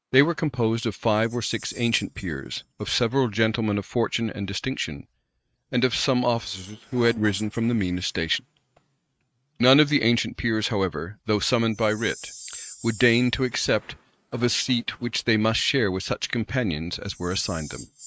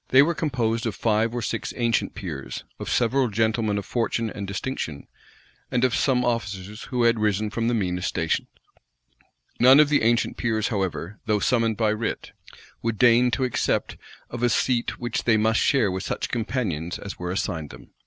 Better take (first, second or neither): second